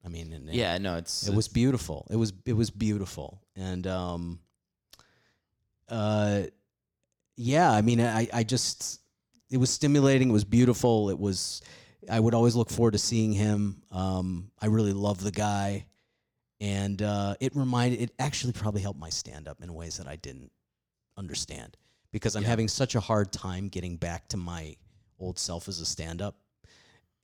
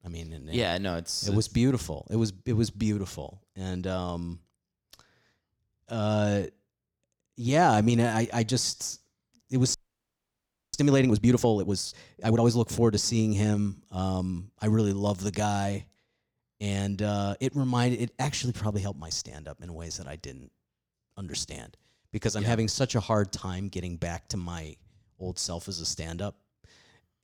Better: first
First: none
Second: audio freezing; at 9.5 s for 1 s

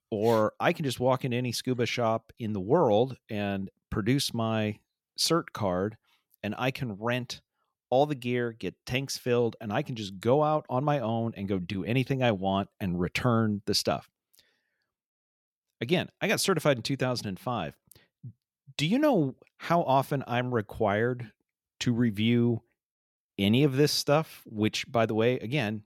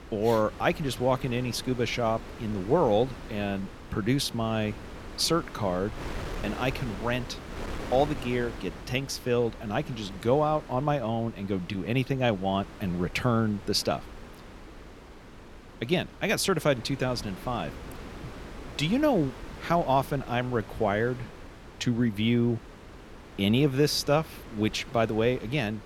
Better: first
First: none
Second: wind noise on the microphone; occasional gusts; 15 dB below the speech

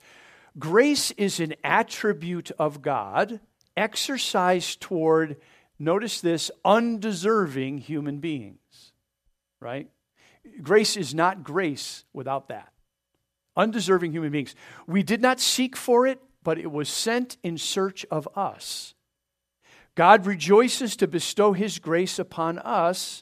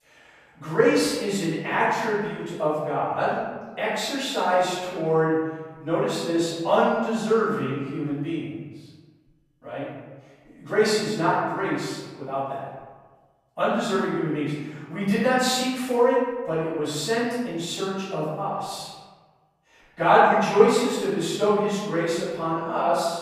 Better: first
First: none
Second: off-mic speech; far // room echo; strong; dies away in 1.2 s

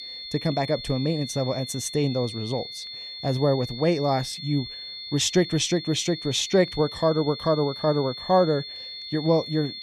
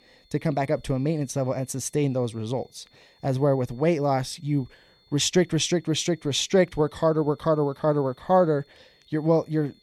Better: second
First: high-pitched whine; loud; throughout; 4.5 kHz, 10 dB below the speech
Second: high-pitched whine; faint; throughout; 4.5 kHz, 35 dB below the speech

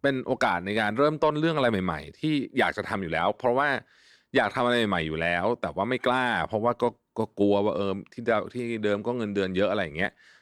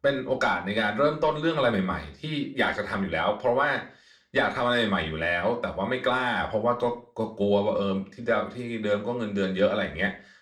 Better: first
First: none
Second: room echo; very slight; dies away in 0.4 s // off-mic speech; somewhat distant

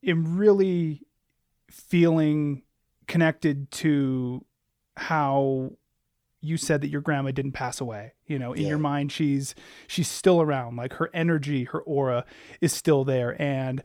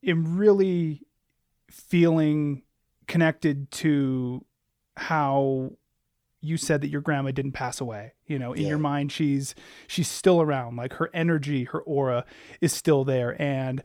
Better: neither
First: none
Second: none

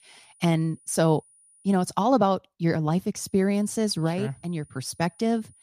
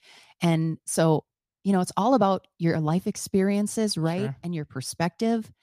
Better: second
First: high-pitched whine; faint; until 2 s and from 3.5 s on; 9.5 kHz, 30 dB below the speech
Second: none

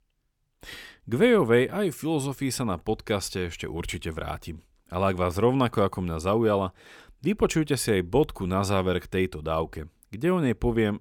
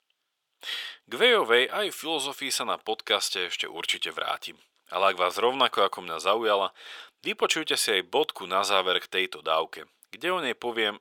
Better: first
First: none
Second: thin; very; fading below 650 Hz

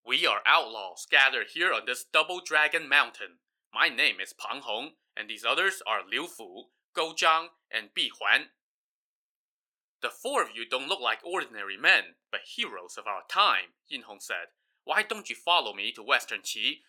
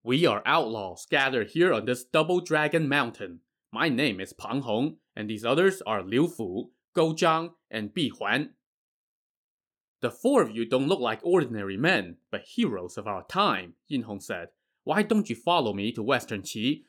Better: second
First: thin; very; fading below 850 Hz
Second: none

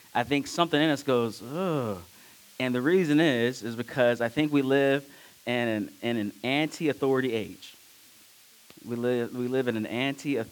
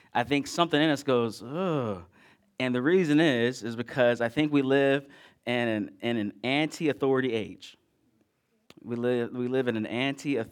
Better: second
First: hiss; faint; throughout; 25 dB below the speech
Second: none

